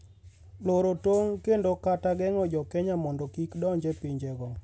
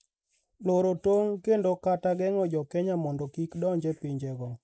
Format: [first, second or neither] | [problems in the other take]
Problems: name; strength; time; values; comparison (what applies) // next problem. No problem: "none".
first | noise reduction (neural mask model Resemble Enhance denoiser)